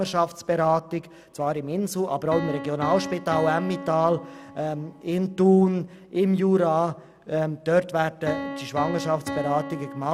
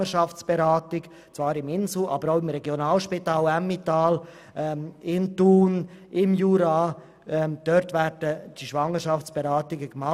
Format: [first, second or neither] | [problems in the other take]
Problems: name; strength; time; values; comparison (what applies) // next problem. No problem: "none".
second | background sound (Piano); 12 dB below the speech